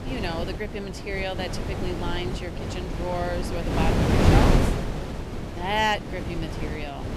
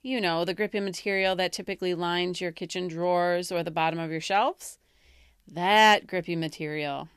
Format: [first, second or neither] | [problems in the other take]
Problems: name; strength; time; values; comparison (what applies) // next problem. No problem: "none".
second | wind noise on the microphone; heavy; 2 dB below the speech